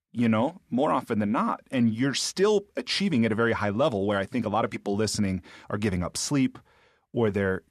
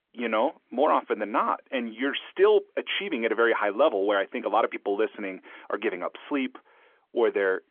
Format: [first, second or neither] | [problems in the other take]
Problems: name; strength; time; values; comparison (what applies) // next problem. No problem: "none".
first | phone-call audio; nothing above 3.5 kHz